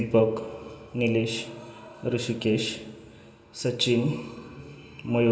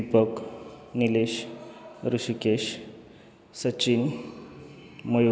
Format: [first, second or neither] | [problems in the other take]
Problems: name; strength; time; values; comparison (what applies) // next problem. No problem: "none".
second | room echo; dies away in 1.2 s